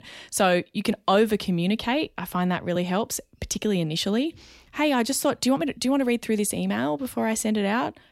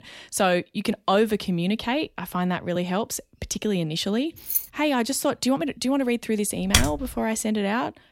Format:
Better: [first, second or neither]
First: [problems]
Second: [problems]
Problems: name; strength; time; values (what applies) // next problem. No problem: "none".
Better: first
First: none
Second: jangling keys; noticeable; at 4.5 s; peak level with the speech // keyboard typing; loud; at 6.5 s; peak 3 dB above the speech